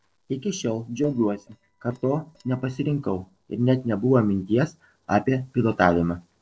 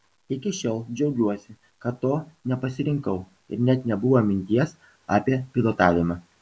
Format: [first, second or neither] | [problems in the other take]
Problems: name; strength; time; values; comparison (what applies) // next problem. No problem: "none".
second | noise reduction (neural separator model SepFormer DNS4)